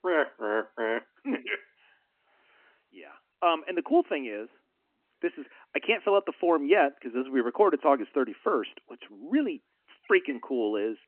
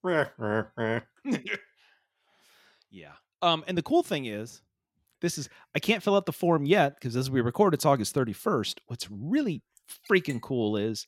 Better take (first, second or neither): second